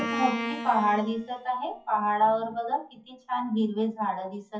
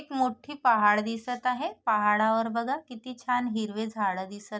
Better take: second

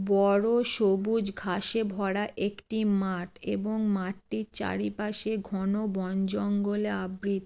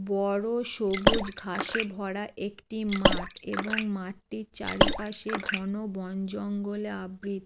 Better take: first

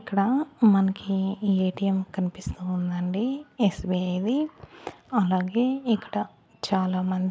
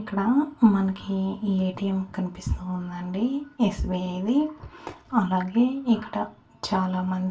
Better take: first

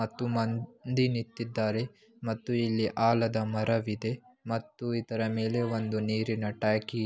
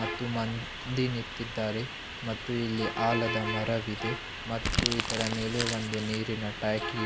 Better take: first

